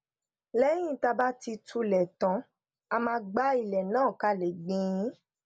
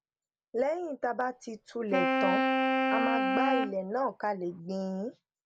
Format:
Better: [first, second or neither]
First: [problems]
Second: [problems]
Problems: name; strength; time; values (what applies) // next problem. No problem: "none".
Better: first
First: none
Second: background sound (Wind instrument, woodwind instrument); 4 dB above the speech